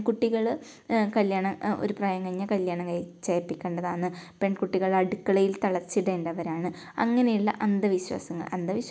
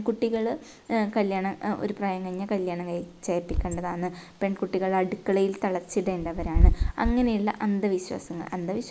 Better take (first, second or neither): first